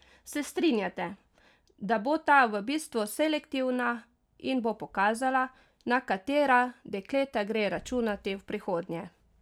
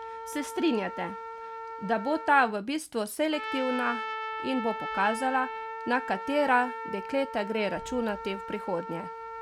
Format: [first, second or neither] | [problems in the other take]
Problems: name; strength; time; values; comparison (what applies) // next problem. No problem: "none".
first | background sound (Trumpet); 7 dB below the speech